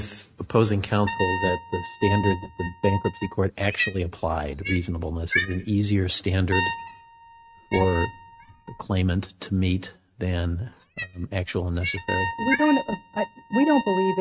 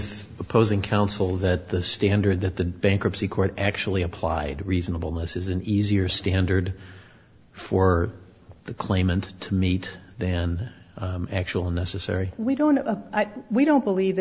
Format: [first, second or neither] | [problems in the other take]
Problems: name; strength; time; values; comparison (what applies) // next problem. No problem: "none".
second | noise reduction (neural mask model RNNoise)